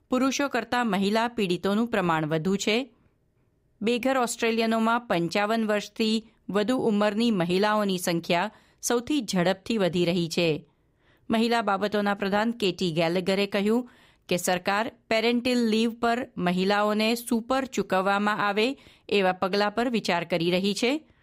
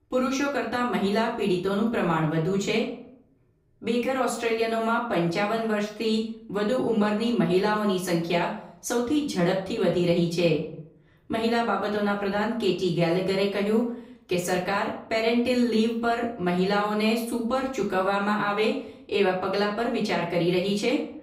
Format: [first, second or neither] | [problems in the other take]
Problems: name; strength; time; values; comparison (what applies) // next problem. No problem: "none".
first | off-mic speech; far // room echo; slight; dies away in 0.5 s